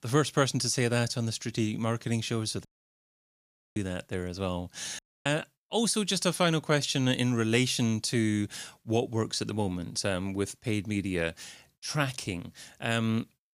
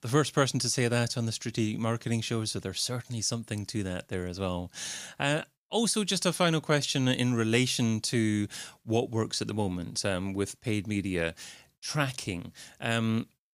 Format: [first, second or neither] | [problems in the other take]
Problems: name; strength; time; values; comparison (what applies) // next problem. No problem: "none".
second | audio cutting out; at 2.5 s for 1 s and at 5 s